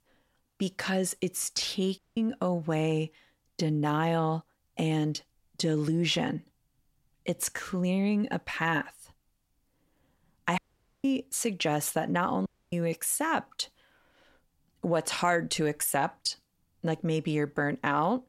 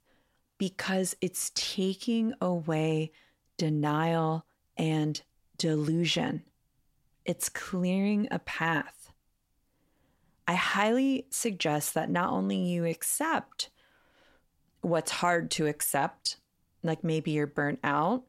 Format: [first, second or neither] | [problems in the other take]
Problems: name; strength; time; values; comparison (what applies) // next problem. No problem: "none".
second | audio cutting out; at 2 s, at 11 s and at 12 s